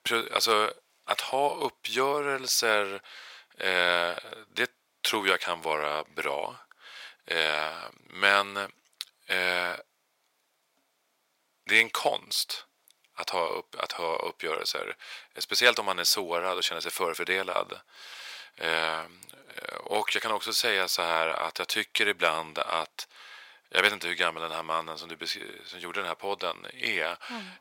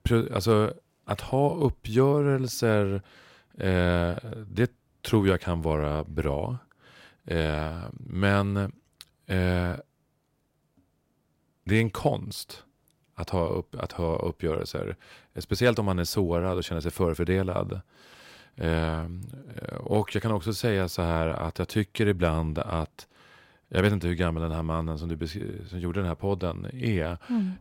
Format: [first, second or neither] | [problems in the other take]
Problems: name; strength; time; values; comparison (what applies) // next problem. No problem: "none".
second | thin; very; fading below 800 Hz